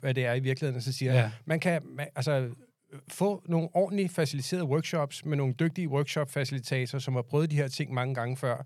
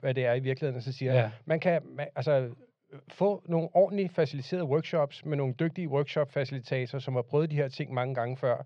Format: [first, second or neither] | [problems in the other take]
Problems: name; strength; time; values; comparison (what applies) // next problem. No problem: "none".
first | muffled; slightly; fading above 4.5 kHz